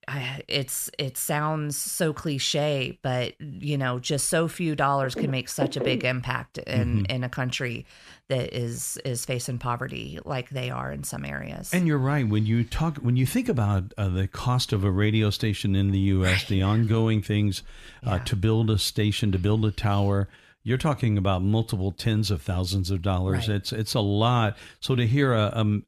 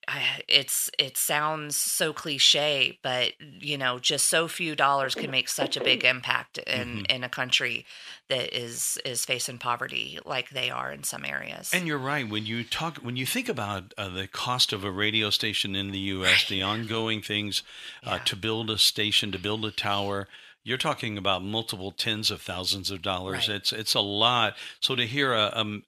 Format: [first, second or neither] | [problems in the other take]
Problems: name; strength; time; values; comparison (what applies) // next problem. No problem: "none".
first | thin; somewhat; fading below 800 Hz